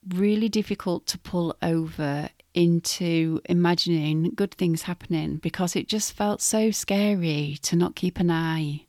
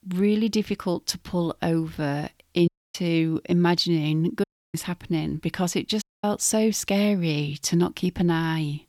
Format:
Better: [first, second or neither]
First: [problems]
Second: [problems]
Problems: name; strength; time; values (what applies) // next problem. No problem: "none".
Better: first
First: none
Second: audio cutting out; at 2.5 s, at 4.5 s and at 6 s